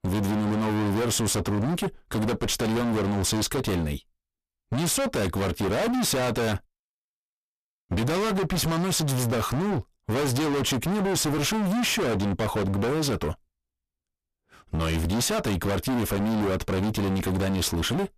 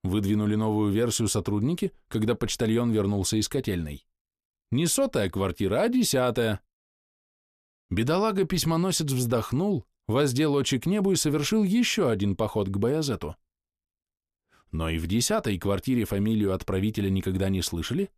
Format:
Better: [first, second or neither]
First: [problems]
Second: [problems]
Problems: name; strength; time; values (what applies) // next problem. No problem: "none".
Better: second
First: distortion; heavy; 45% of the sound clipped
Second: none